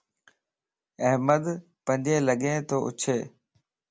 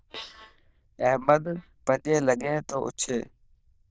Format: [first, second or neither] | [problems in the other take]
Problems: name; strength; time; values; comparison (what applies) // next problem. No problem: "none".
first | noise reduction (neural diffusion model UNIVERSE++)